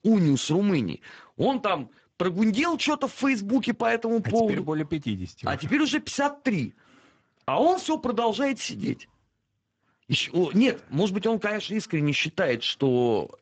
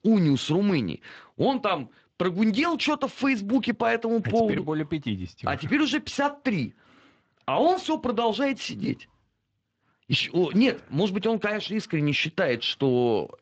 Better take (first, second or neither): second